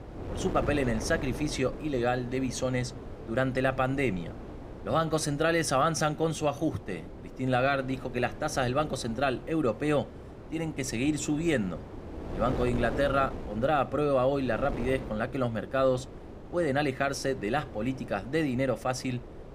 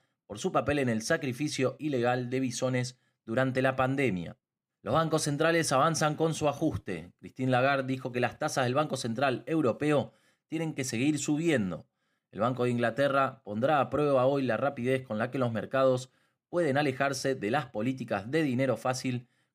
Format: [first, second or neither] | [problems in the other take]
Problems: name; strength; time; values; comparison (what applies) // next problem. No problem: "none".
second | wind noise on the microphone; occasional gusts; 15 dB below the speech